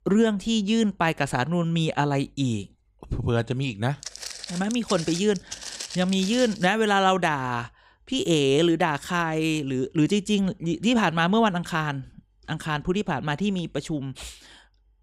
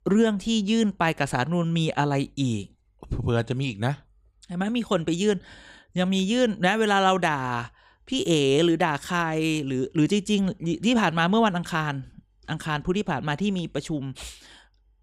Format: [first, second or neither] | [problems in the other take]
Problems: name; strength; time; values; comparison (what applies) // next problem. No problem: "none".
second | footsteps; noticeable; from 4 to 6.5 s; peak 9 dB below the speech